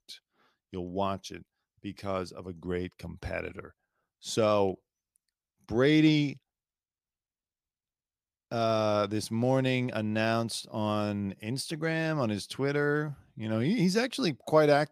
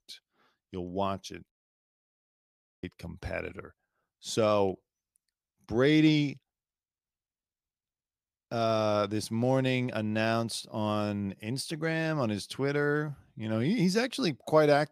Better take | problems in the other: first | audio cutting out; at 1.5 s for 1.5 s

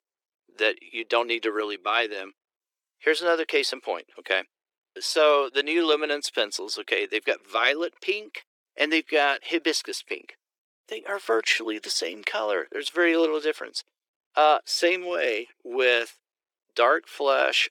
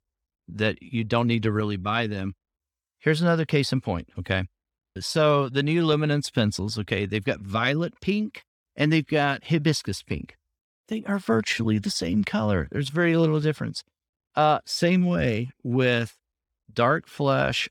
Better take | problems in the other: second | thin; very; fading below 350 Hz

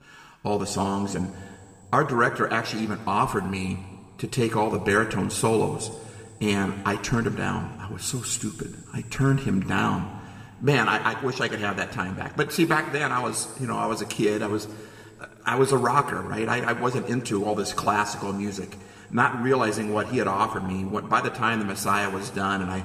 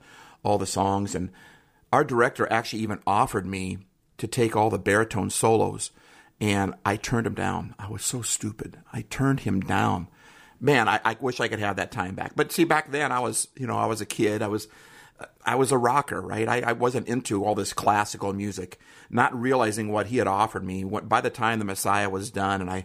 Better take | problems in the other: second | room echo; slight; dies away in 2.5 s

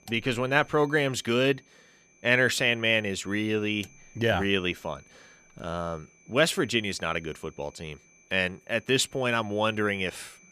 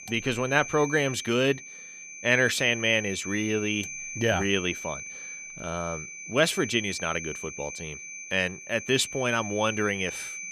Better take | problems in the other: first | high-pitched whine; loud; throughout; 2.5 kHz, 10 dB below the speech; faint in the first

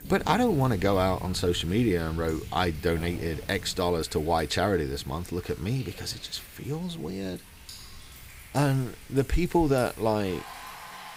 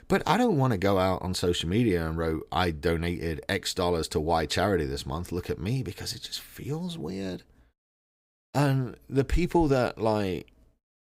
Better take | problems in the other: second | rain or running water; noticeable; throughout; 15 dB below the speech

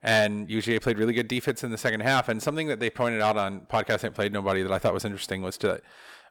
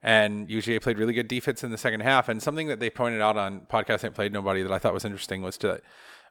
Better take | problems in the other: second | distortion; slight; 2% of the sound clipped

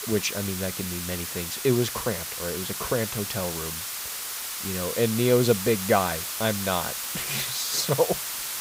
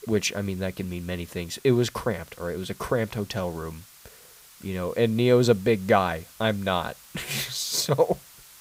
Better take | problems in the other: second | hiss; loud; throughout; 3 dB below the speech; faint in the second

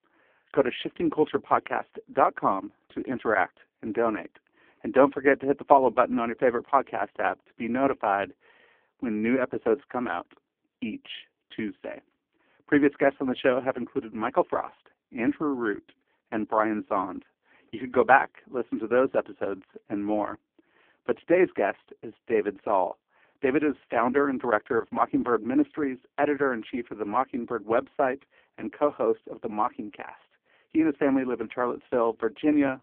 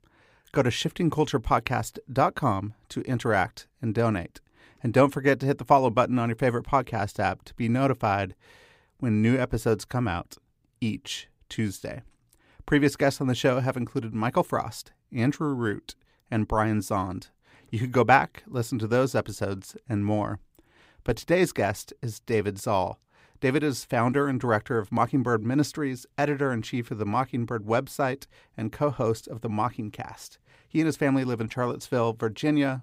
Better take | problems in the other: second | phone-call audio; poor line; nothing above 3.5 kHz

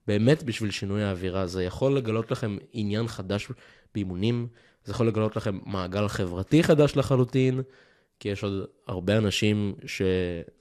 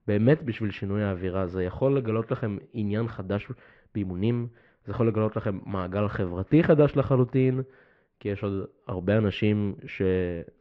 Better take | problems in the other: first | muffled; very; fading above 2.5 kHz

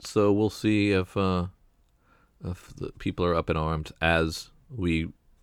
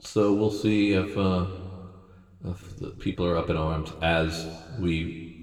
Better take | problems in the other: first | room echo; slight; dies away in 1.5 s

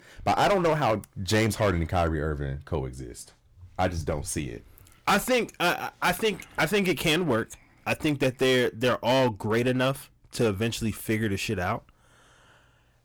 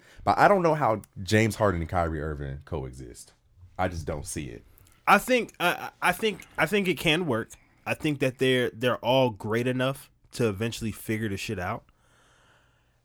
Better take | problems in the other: second | distortion; heavy; 8% of the sound clipped

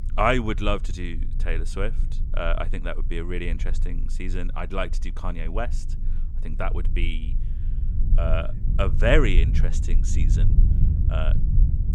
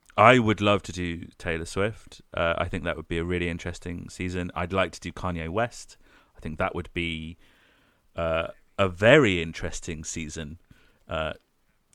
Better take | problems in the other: second | low rumble; noticeable; throughout; 15 dB below the speech

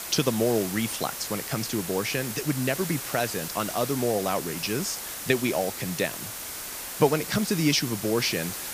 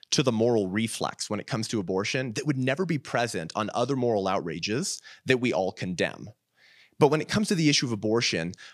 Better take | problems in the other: second | hiss; loud; throughout; 6 dB below the speech

